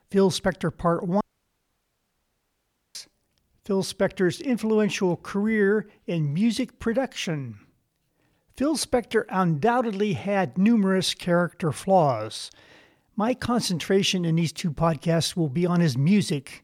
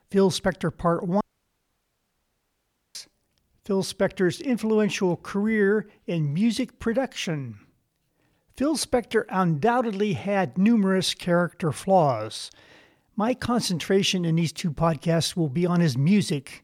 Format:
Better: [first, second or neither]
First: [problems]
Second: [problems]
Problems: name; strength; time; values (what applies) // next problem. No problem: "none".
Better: neither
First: audio cutting out; at 1 s for 1.5 s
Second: audio cutting out; at 1 s for 1.5 s